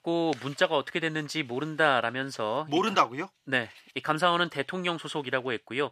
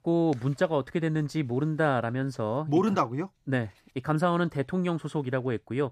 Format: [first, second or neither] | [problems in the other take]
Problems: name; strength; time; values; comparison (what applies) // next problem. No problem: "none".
second | thin; somewhat; fading below 750 Hz